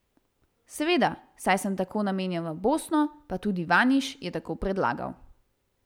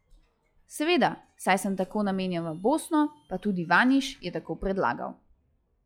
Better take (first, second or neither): first